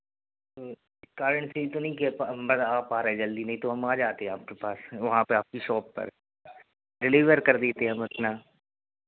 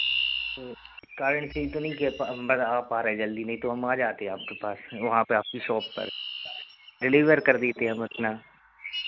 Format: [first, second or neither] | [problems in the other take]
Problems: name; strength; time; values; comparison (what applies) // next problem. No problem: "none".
first | background sound (Chirp, tweet); 10 dB below the speech